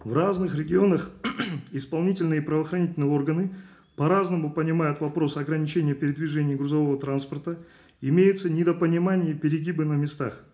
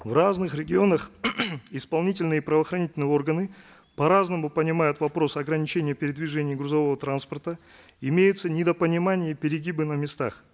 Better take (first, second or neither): second